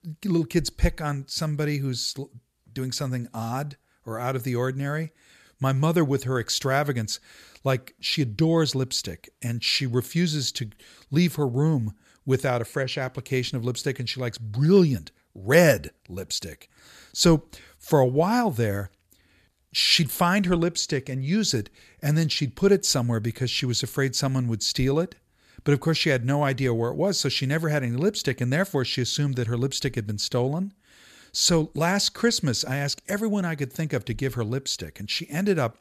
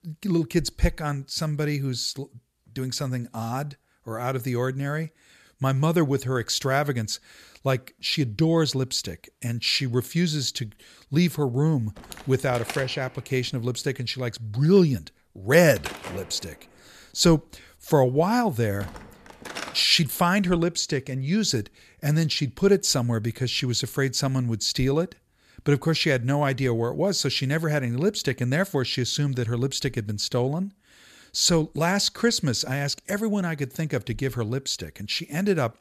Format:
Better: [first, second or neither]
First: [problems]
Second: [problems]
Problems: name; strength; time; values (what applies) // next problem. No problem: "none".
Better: first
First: none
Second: door banging; noticeable; from 12 to 20 s; peak 10 dB below the speech